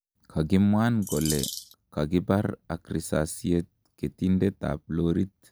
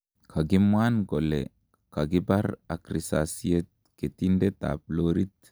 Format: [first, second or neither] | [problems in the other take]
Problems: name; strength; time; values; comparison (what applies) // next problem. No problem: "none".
second | background sound (Bird vocalization, bird call, bird song); 8 dB below the speech